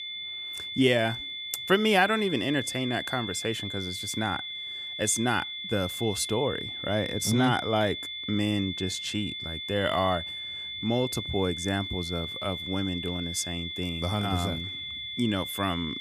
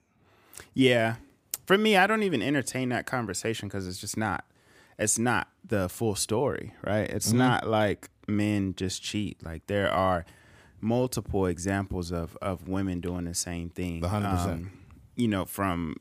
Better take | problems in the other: second | high-pitched whine; loud; throughout; 3.5 kHz, 5 dB below the speech

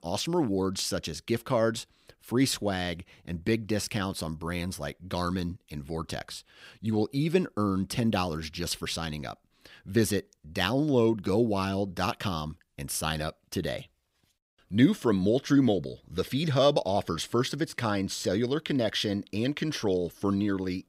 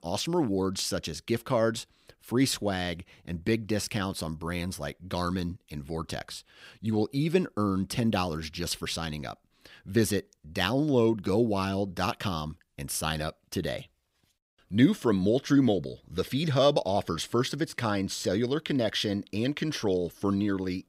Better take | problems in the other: neither | none

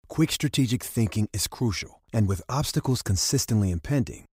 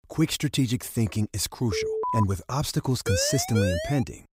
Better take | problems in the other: first | alarm; noticeable; at 1.5 s; peak 1 dB below the speech // siren; noticeable; at 3 s; peak 2 dB below the speech

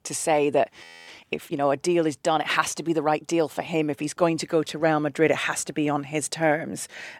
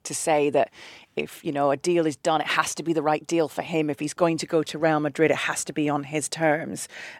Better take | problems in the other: second | audio freezing; at 1 s

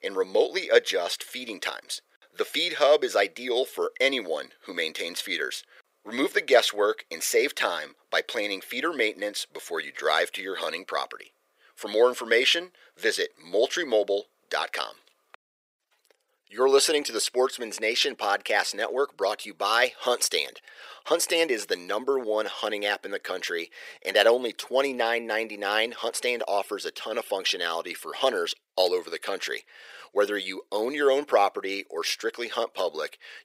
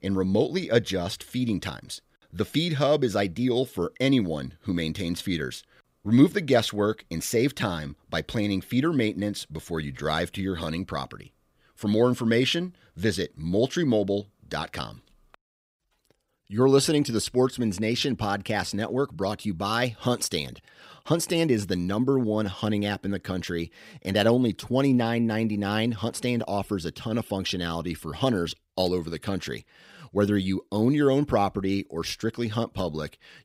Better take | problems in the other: second | thin; very; fading below 450 Hz

